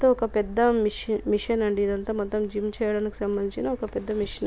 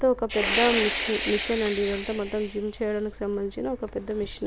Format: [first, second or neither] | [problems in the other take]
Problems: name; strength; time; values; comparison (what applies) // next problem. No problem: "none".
first | background sound (Fire); 5 dB below the speech